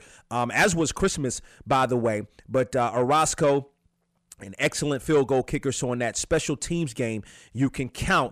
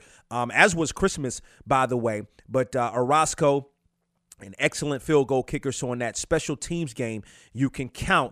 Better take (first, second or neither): second